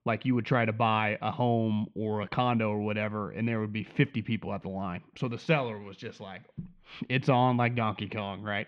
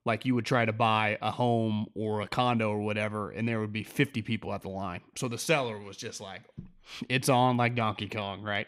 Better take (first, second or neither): second